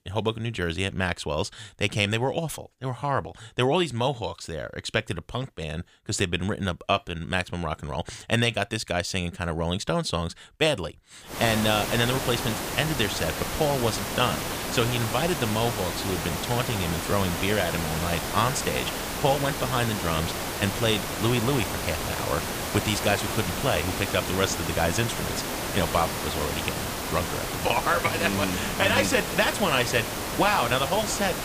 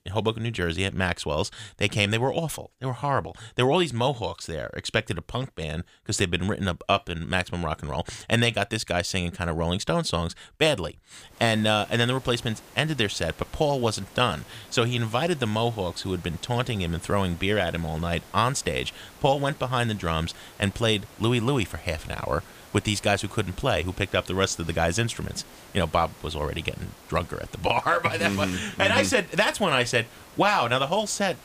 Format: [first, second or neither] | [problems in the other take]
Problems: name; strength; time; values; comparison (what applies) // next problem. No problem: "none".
second | hiss; loud; from 11 s on; 3 dB below the speech; faint in the second